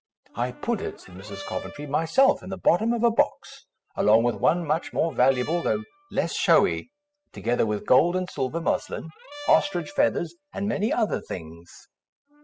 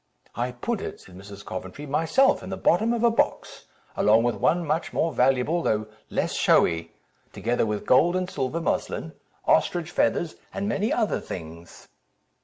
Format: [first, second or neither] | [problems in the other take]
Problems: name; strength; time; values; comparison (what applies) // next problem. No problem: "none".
second | noise reduction (classical method spectral subtraction)